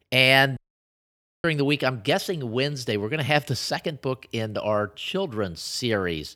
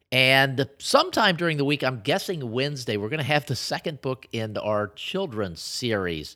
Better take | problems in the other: second | audio cutting out; at 0.5 s for 1 s

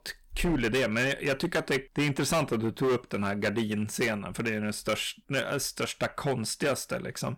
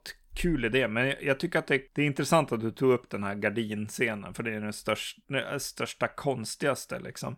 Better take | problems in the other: second | distortion; heavy; 11% of the sound clipped

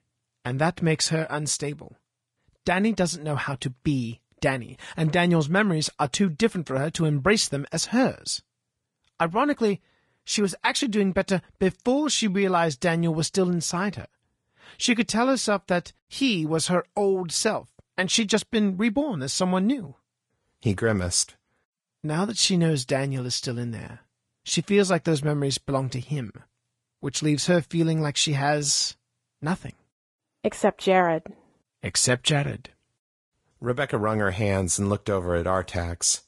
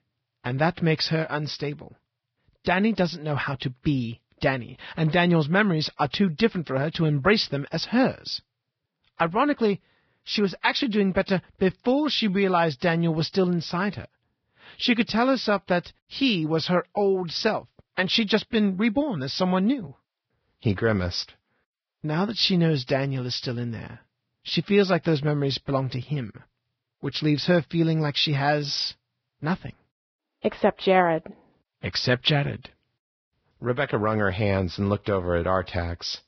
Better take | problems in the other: first | garbled, watery; badly; nothing above 5.5 kHz; slightly in the first

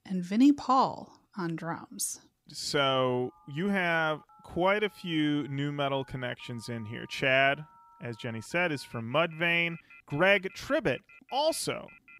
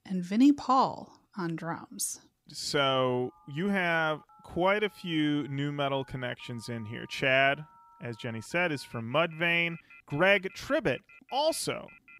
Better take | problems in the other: neither | alarms or sirens; faint; from 3 s on; 25 dB below the speech; the same in both

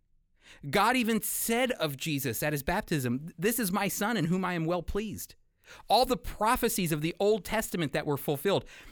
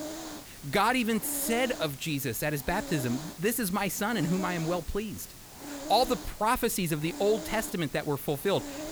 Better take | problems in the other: first | hiss; noticeable; throughout; 10 dB below the speech

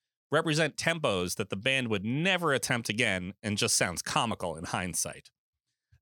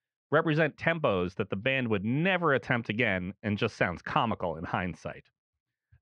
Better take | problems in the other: first | muffled; very; fading above 2.5 kHz

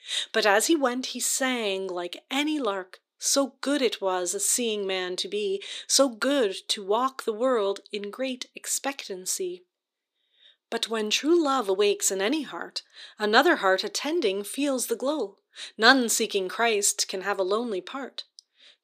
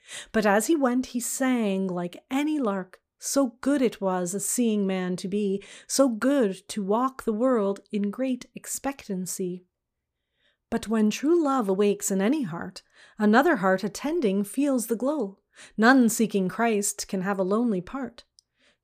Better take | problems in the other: second | thin; somewhat; fading below 300 Hz

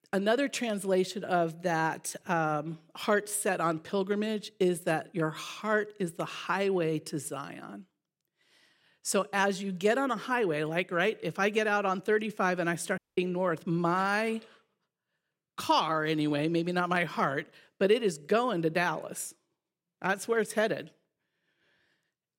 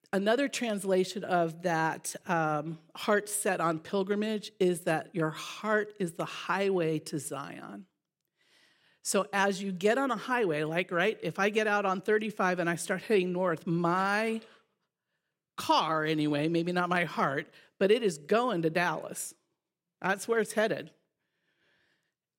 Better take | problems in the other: second | audio cutting out; at 13 s

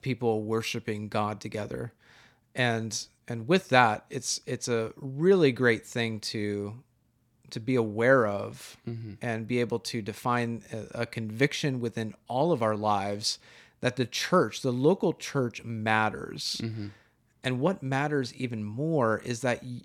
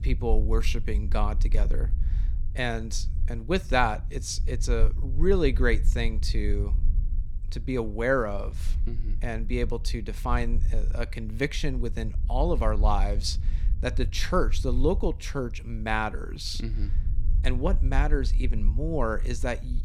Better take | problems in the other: first | low rumble; faint; throughout; 20 dB below the speech

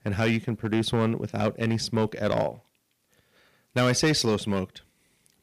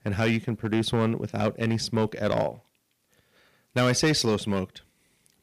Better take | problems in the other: neither | distortion; slight; 4% of the sound clipped; the same in both

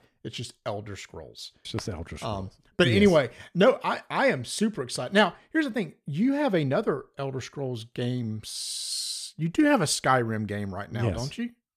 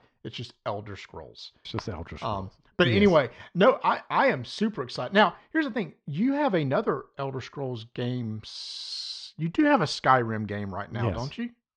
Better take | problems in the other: first | muffled; very slightly; fading above 5 kHz

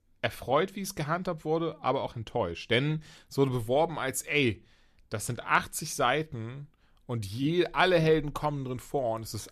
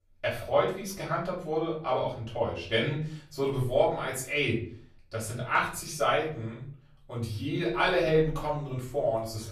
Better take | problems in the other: first | room echo; slight; dies away in 0.4 s // off-mic speech; far

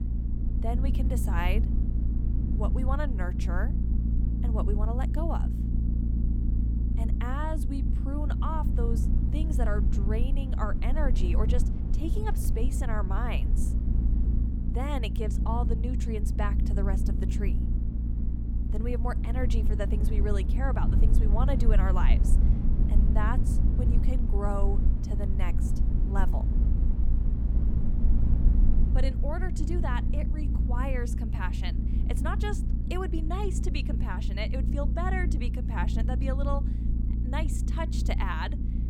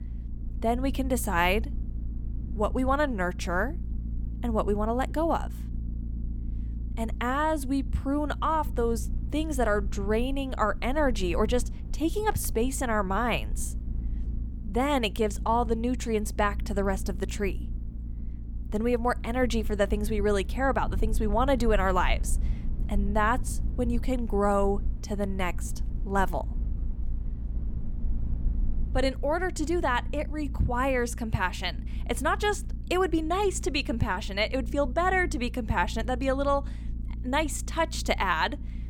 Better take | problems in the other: second | low rumble; loud; throughout; 6 dB below the speech; faint in the second

